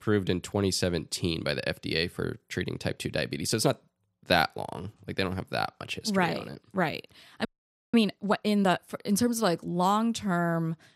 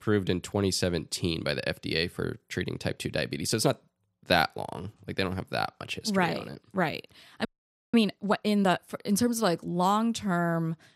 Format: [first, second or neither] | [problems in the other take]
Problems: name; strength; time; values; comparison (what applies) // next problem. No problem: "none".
neither | audio freezing; at 7.5 s; the same in both